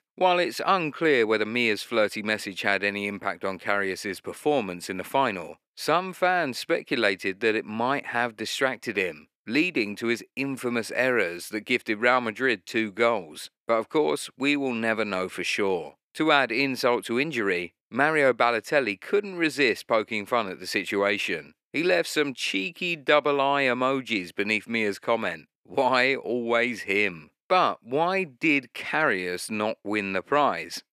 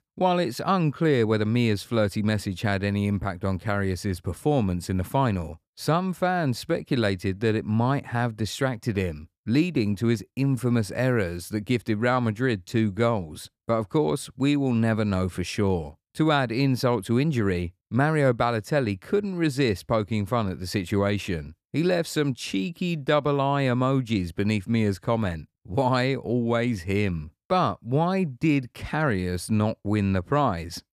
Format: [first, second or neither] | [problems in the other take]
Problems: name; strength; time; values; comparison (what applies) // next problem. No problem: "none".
second | thin; somewhat; fading below 400 Hz